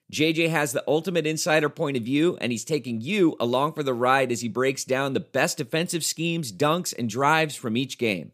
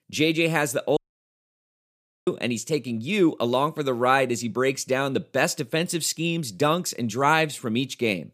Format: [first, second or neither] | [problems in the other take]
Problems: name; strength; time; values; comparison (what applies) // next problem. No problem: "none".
first | audio cutting out; at 1 s for 1.5 s